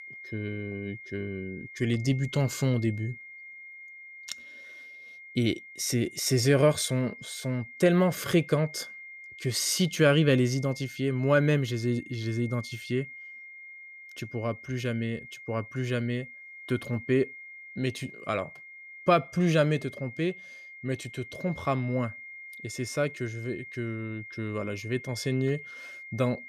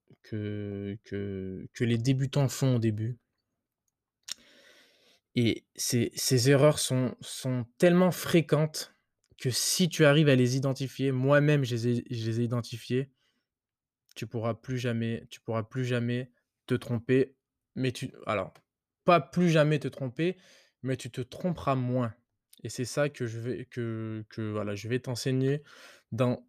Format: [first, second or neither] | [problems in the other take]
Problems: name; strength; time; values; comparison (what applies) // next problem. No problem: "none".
second | high-pitched whine; noticeable; throughout; 2 kHz, 15 dB below the speech